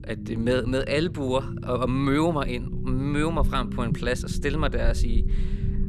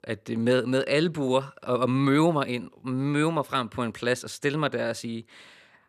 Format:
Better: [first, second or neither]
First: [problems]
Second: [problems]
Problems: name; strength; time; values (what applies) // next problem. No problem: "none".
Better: second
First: low rumble; noticeable; throughout; 15 dB below the speech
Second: none